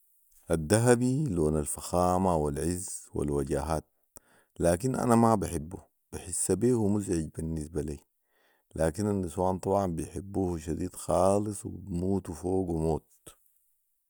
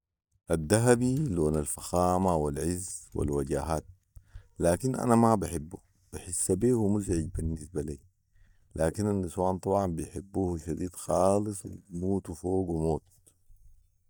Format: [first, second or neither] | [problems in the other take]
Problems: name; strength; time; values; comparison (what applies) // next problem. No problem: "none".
first | noise reduction (neural mask model DeepFilterNet 3)